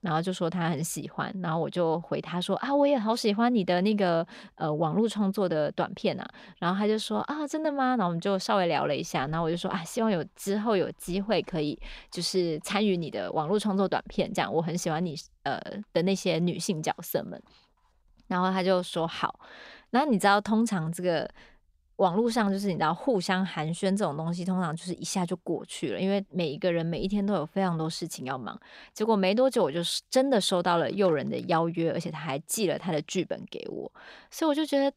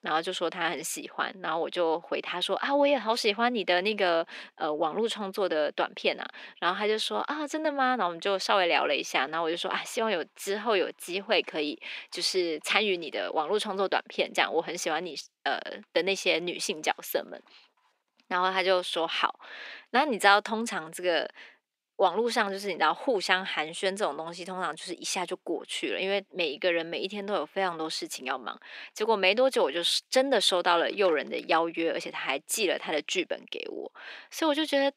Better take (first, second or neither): first